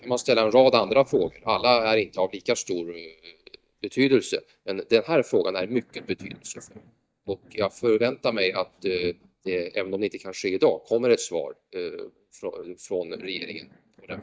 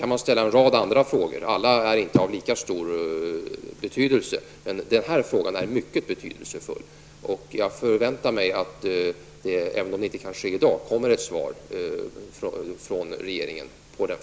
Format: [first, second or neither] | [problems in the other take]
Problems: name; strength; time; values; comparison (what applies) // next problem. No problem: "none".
second | noise reduction (neural mask model DeepFilterNet 3)